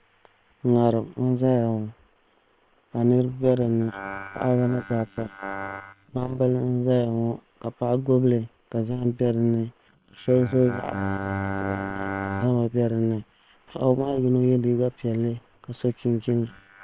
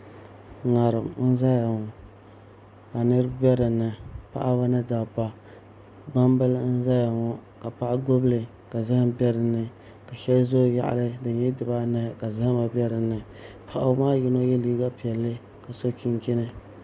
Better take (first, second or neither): second